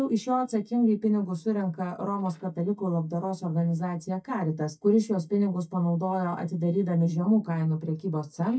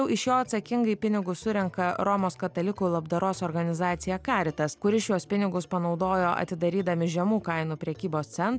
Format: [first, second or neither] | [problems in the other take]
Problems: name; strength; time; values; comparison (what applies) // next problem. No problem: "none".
second | noise reduction (neural mask model DeepFilterNet 3)